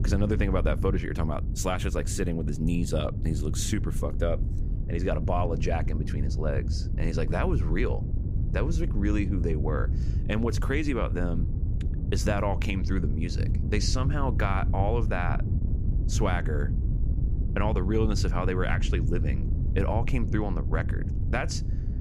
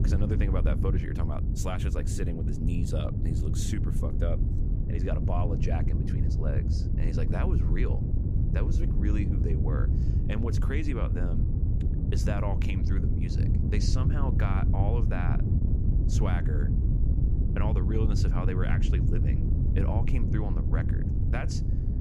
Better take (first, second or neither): first